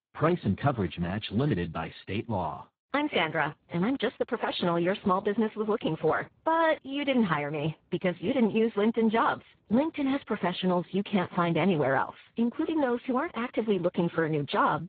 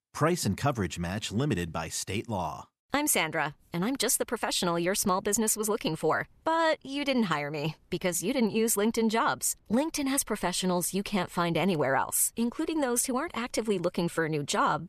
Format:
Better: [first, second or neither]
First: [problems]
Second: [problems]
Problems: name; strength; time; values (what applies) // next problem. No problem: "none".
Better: second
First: garbled, watery; badly; nothing above 4 kHz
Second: none